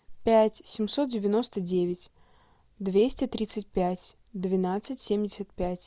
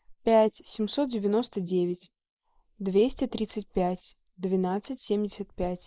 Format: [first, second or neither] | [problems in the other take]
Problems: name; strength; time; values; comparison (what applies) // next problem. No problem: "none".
first | noise reduction (neural mask model Resemble Enhance denoiser)